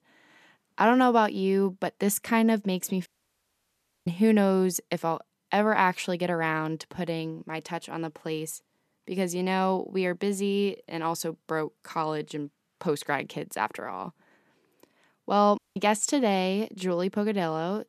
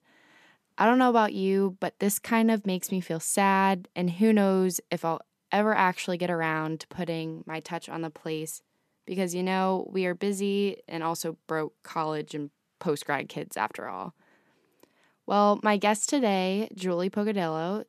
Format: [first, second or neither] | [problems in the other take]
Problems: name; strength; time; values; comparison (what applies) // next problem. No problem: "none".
second | audio cutting out; at 3 s for 1 s and at 16 s